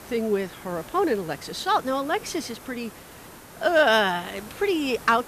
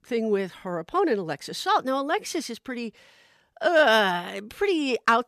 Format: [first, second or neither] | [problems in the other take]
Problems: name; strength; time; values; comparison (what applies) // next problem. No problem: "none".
second | hiss; noticeable; throughout; 20 dB below the speech